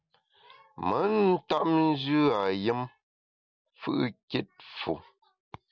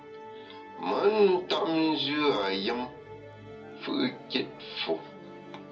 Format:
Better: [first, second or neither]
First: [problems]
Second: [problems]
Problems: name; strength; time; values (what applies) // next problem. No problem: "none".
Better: first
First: none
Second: background sound (Musical instrument); 15 dB below the speech // room echo; dies away in 0.2 s